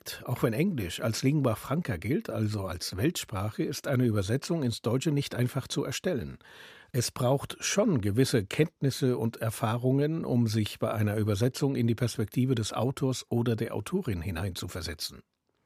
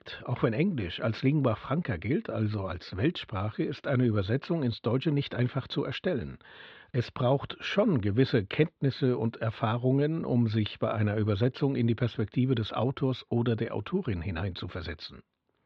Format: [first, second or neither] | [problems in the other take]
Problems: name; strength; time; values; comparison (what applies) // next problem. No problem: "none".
first | muffled; slightly; fading above 3.5 kHz